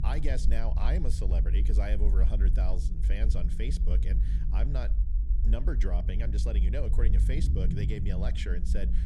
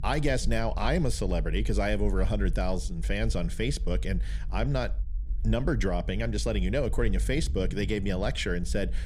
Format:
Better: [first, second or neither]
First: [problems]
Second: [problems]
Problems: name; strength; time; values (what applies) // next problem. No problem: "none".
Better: second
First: low rumble; loud; throughout; 6 dB below the speech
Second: low rumble; faint; throughout; 20 dB below the speech